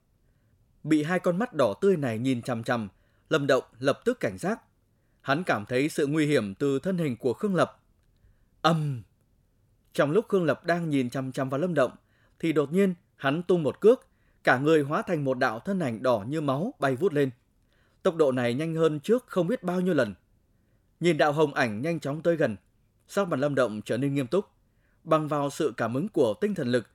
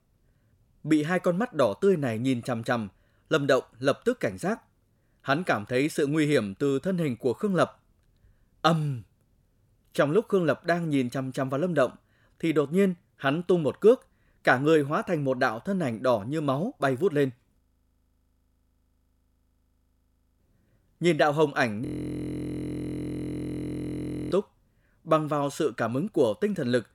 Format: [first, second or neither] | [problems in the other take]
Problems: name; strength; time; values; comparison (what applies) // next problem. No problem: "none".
first | audio freezing; at 18 s for 3 s and at 22 s for 2.5 s